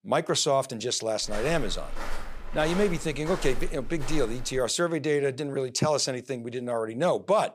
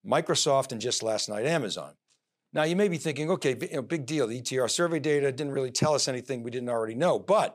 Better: second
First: footsteps; noticeable; from 1 to 4.5 s; peak 9 dB below the speech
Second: none

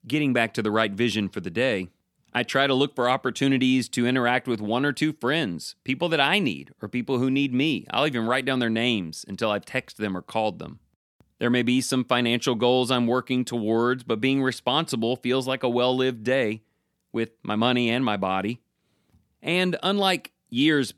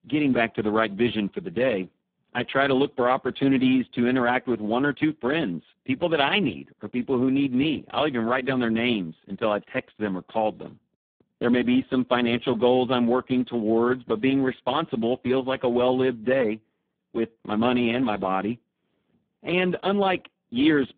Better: first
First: none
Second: phone-call audio; poor line

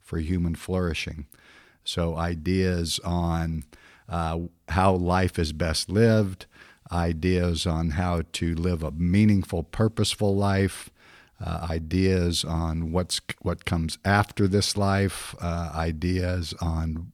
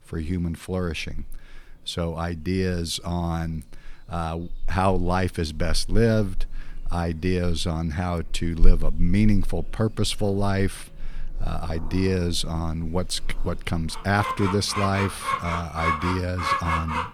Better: first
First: none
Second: animal sounds; loud; throughout; 6 dB below the speech

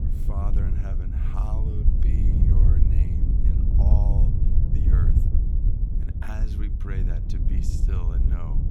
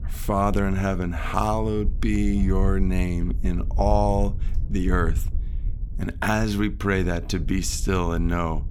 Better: second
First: wind noise on the microphone; heavy; 2 dB above the speech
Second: wind noise on the microphone; occasional gusts; 20 dB below the speech

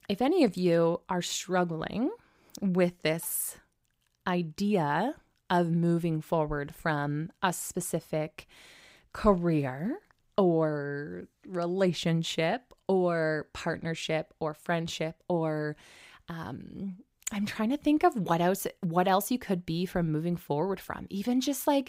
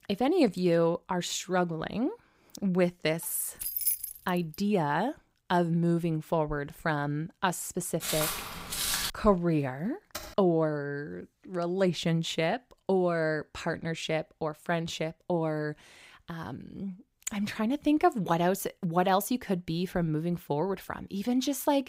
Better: first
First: none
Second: jangling keys; loud; at 3.5 s; peak 2 dB above the speech // footsteps; loud; from 8 to 9 s; peak 1 dB above the speech // keyboard typing; faint; at 10 s; peak 10 dB below the speech

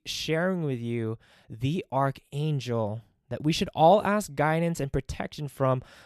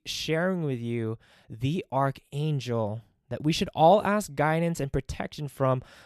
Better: neither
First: none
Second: none

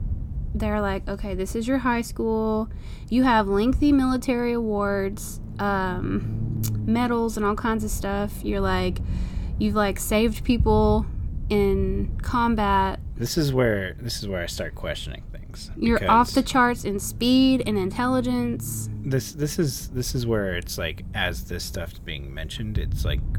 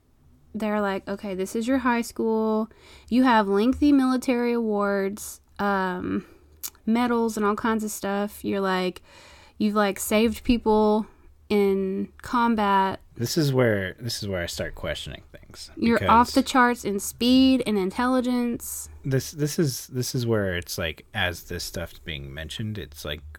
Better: second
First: low rumble; faint; throughout; 20 dB below the speech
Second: none

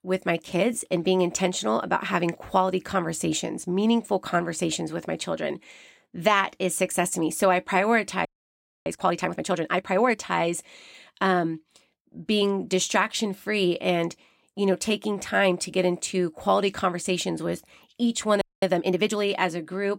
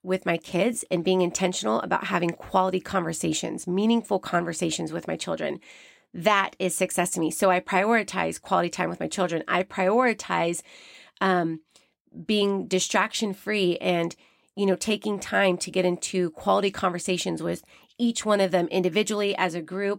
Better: second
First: audio freezing; at 8.5 s for 0.5 s and at 18 s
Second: none

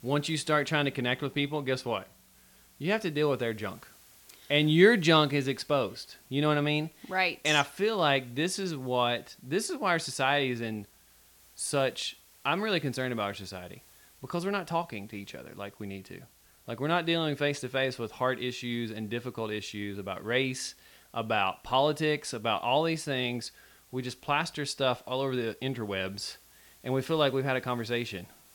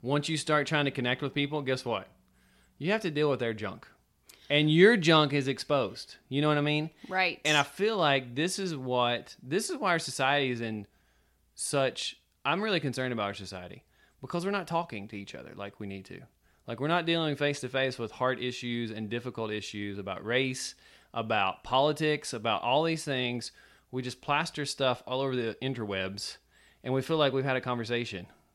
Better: second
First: hiss; faint; throughout; 25 dB below the speech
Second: none

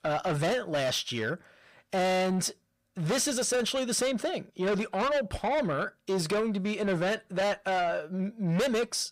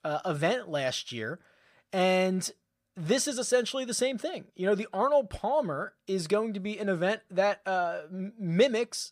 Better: second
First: distortion; heavy; 6 dB below the speech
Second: none

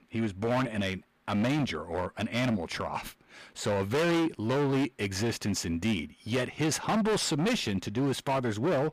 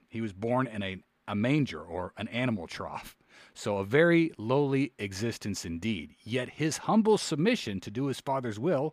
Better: second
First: distortion; heavy; 17% of the sound clipped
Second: none

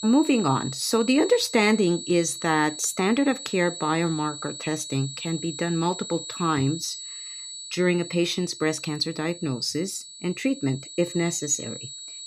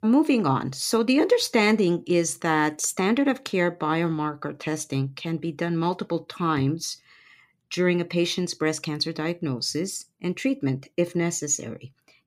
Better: second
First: high-pitched whine; noticeable; throughout; 4 kHz, 10 dB below the speech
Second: none

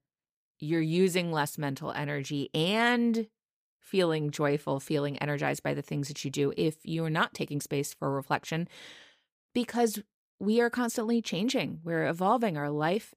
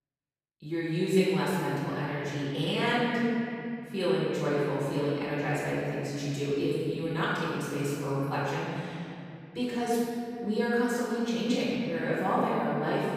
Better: first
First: none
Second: off-mic speech; far // room echo; strong; dies away in 2.6 s

